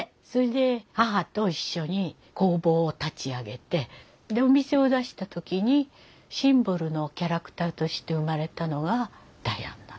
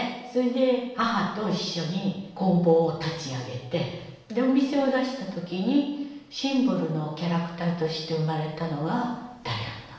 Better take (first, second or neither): first